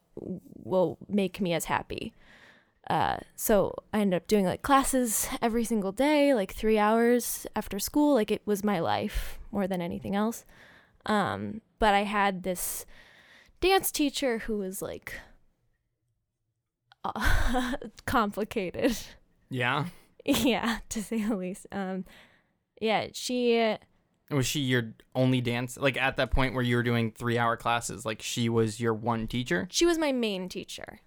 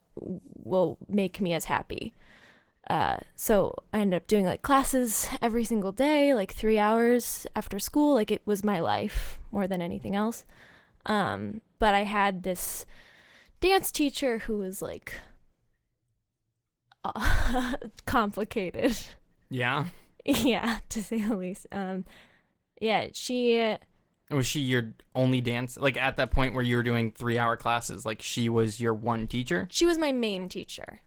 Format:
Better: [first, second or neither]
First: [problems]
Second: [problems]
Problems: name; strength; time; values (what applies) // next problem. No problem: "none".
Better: first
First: none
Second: garbled, watery; slightly; nothing above 19 kHz